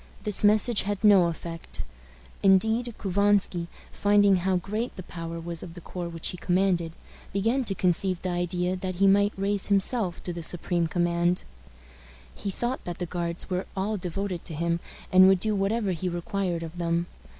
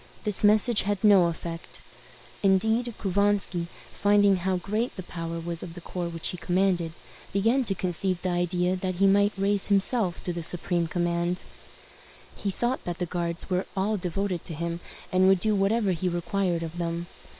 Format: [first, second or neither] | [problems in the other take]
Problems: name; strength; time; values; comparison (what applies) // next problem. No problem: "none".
first | noise reduction (neural separator model SepFormer WHAM!)